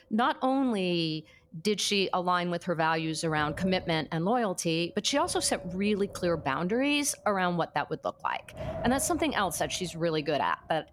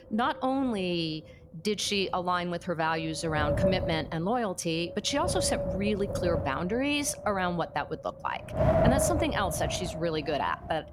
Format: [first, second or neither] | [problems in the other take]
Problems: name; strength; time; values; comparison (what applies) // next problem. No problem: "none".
first | wind noise on the microphone; heavy; 3 dB below the speech; occasional gusts in the first